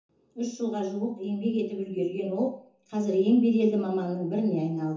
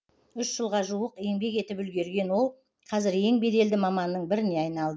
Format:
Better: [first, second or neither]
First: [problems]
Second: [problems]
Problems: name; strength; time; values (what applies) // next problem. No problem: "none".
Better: second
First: room echo; dies away in 0.6 s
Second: none